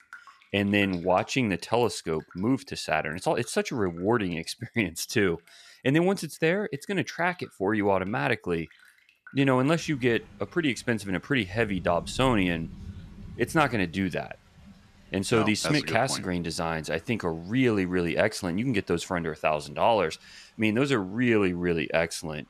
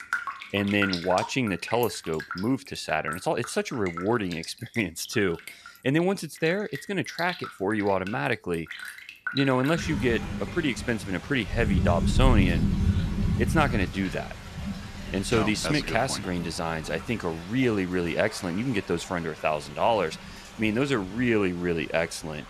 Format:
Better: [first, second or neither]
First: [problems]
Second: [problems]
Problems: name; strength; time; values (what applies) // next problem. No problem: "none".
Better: first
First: rain or running water; faint; throughout; 25 dB below the speech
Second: rain or running water; loud; throughout; 6 dB below the speech